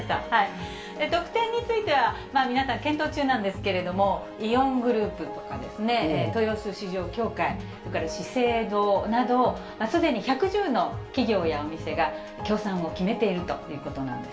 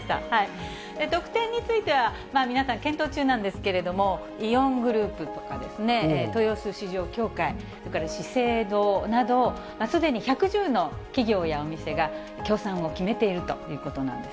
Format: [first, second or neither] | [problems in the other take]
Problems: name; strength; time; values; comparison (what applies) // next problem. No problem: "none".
second | room echo; dies away in 0.3 s